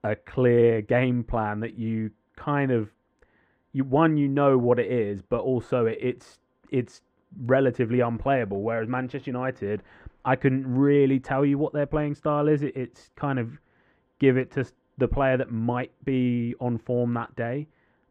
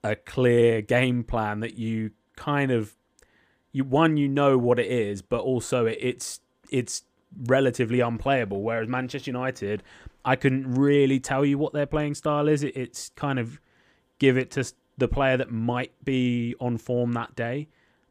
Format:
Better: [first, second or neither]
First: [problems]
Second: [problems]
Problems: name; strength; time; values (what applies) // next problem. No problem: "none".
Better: second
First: muffled; very; fading above 4 kHz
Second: none